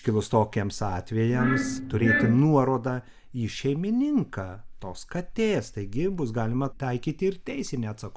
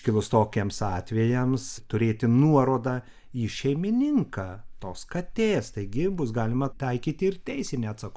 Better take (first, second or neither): second